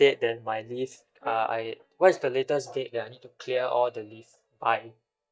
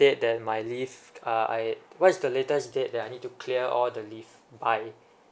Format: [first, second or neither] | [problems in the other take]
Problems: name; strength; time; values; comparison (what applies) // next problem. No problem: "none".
second | noise reduction (neural mask model DeepFilterNet 3)